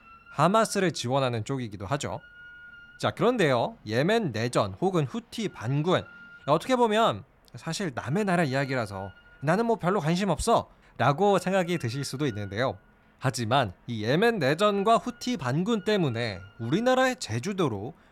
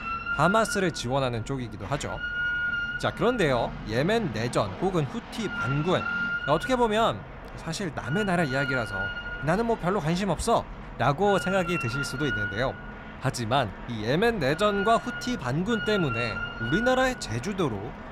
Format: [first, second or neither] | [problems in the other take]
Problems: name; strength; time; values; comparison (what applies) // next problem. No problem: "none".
first | machinery noise; loud; throughout; 7 dB below the speech; faint in the first